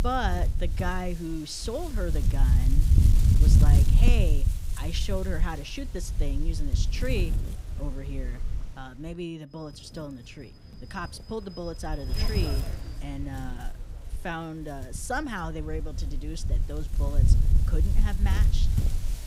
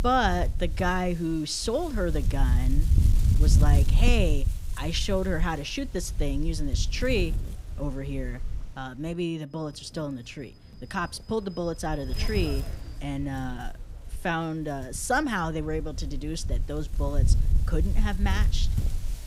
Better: second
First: wind noise on the microphone; heavy; 6 dB below the speech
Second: wind noise on the microphone; occasional gusts; 15 dB below the speech

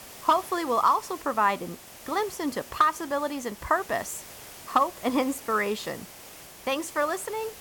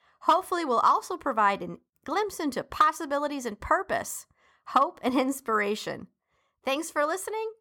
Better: second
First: hiss; noticeable; throughout; 15 dB below the speech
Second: none

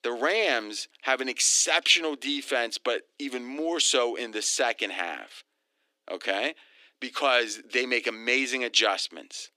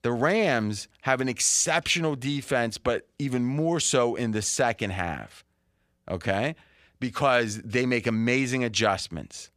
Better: second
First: thin; somewhat; fading below 300 Hz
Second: none

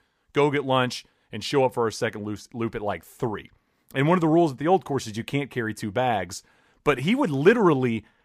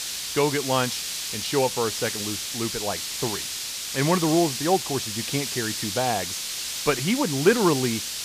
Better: first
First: none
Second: hiss; loud; throughout; 3 dB below the speech

